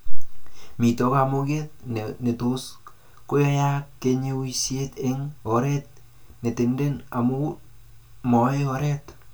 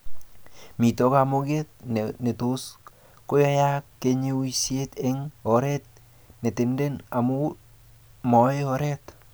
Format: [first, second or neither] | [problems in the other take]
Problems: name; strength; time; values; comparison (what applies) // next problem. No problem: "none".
second | room echo; dies away in 0.2 s